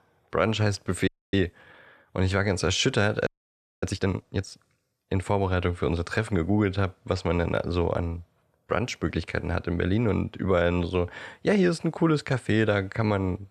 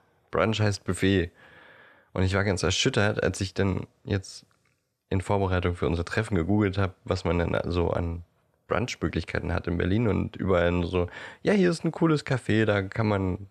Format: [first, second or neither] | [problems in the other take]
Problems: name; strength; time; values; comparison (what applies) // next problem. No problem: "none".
second | audio freezing; at 1 s and at 3.5 s for 0.5 s